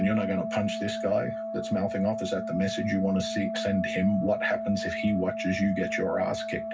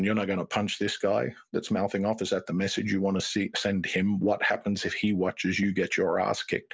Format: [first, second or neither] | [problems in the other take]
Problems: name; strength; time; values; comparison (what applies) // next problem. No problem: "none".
second | background sound (Organ); 5 dB below the speech // room echo; dies away in 0.4 s